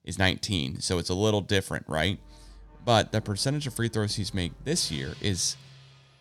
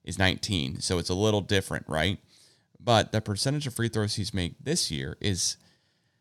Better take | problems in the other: second | background music; faint; throughout; 20 dB below the speech

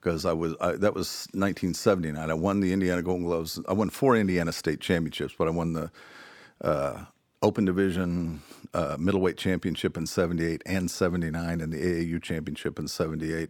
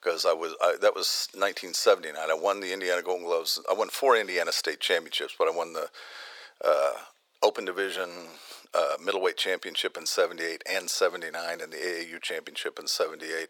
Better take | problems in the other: first | thin; very; fading below 500 Hz

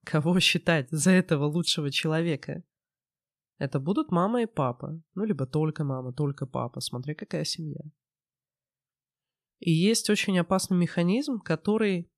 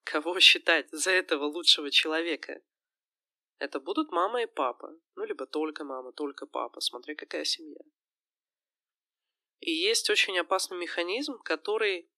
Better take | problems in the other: first | thin; very; fading below 300 Hz

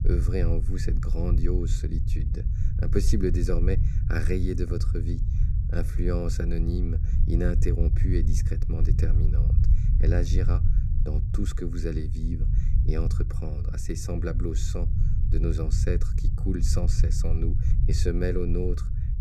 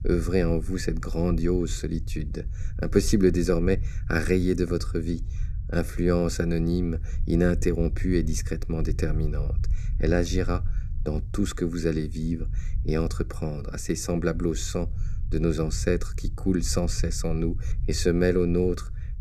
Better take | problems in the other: second | low rumble; loud; throughout; 7 dB below the speech; faint in the second

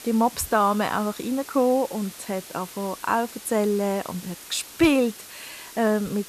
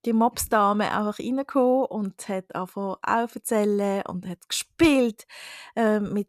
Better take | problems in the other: second | hiss; noticeable; throughout; 15 dB below the speech

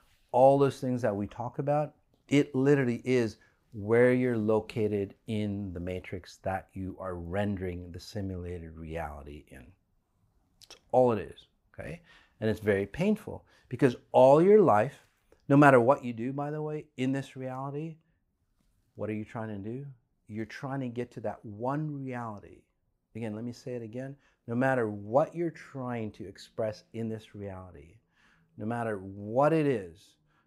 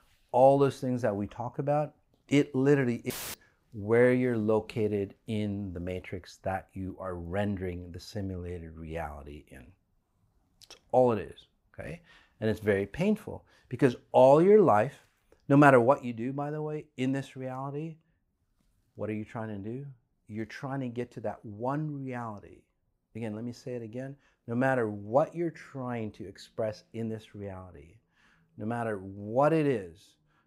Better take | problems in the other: first | audio cutting out; filled with static; at 3 s

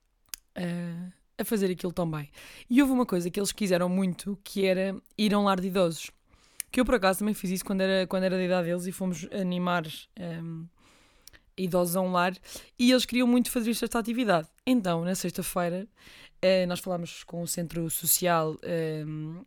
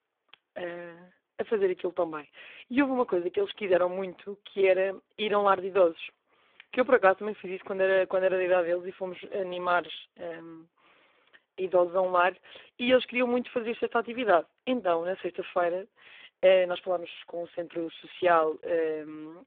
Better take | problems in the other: first | phone-call audio; poor line; nothing above 3.5 kHz

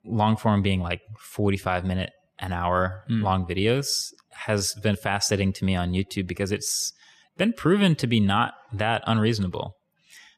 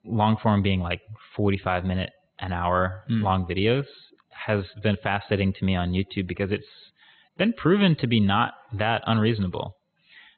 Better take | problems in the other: first | garbled, watery; badly; nothing above 4 kHz

